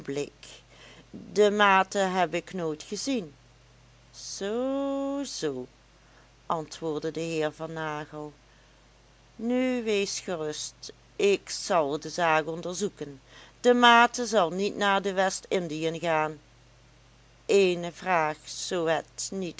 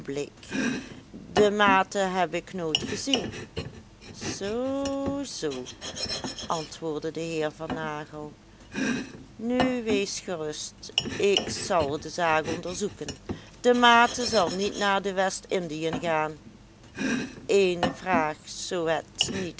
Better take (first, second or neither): first